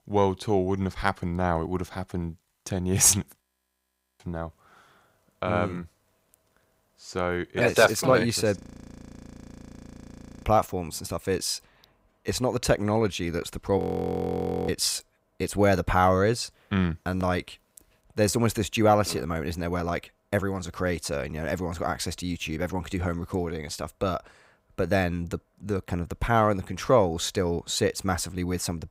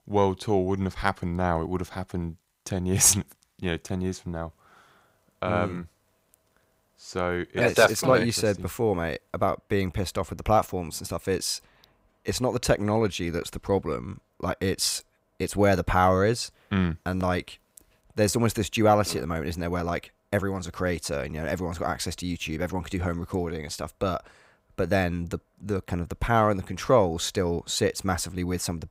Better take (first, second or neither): second